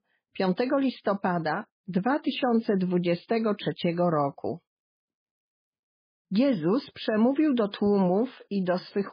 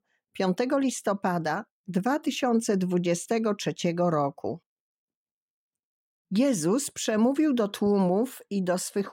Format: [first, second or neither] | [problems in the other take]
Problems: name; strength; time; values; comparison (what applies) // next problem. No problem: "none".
second | garbled, watery; badly; nothing above 4 kHz